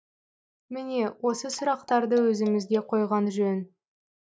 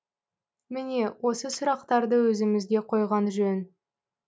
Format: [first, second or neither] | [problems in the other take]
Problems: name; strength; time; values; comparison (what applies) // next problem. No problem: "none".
second | noise reduction (neural mask model DeepFilterNet 3)